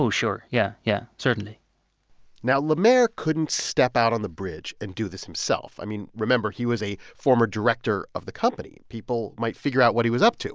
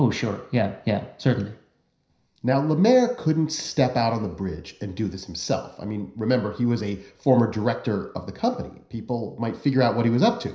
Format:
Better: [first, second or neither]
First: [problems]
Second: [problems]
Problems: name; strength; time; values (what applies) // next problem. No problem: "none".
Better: first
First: none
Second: room echo; dies away in 0.5 s